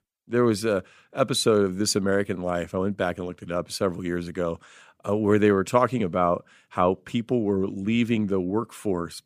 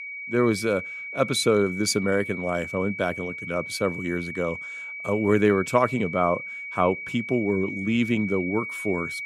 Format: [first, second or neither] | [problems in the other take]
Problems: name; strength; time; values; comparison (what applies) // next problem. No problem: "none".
first | high-pitched whine; loud; throughout; 2.5 kHz, 8 dB below the speech